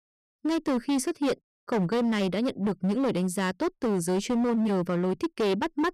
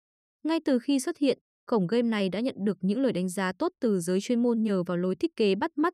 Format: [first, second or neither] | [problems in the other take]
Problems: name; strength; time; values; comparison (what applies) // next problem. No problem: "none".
second | distortion; slight; 20% of the sound clipped